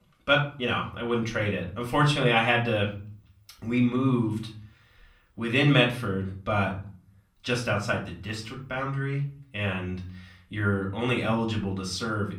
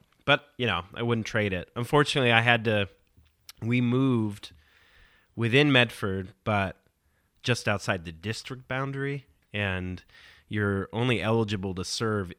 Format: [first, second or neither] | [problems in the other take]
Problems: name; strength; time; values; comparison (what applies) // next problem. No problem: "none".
second | off-mic speech; far // room echo; slight; dies away in 0.4 s